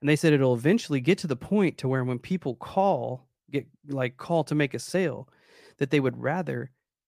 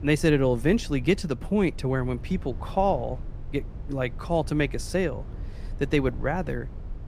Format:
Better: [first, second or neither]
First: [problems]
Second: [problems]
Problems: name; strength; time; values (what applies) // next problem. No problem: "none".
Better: first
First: none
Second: low rumble; faint; throughout; 25 dB below the speech